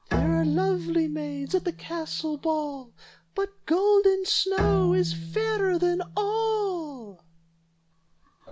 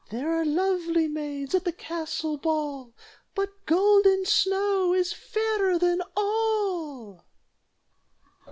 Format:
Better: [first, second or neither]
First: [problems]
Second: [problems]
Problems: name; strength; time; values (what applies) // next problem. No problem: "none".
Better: second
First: background sound (Bowed string instrument); 7 dB below the speech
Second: none